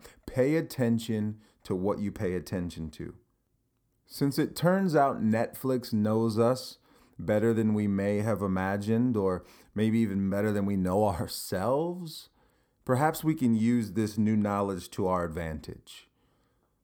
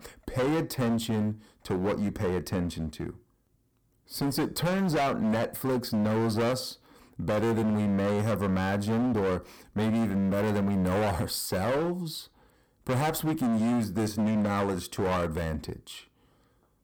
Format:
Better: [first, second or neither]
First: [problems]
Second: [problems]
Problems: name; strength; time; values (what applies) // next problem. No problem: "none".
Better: first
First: none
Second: distortion; heavy; 23% of the sound clipped